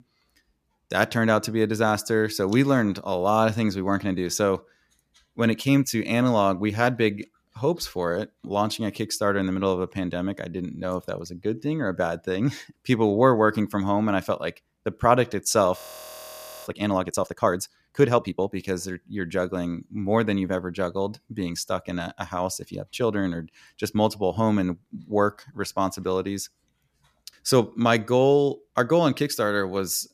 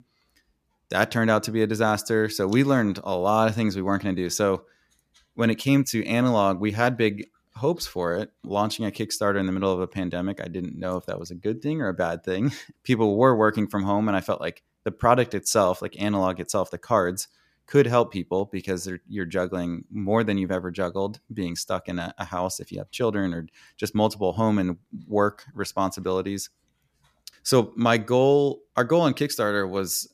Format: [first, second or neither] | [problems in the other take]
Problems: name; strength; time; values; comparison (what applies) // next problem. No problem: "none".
second | audio freezing; at 16 s for 1 s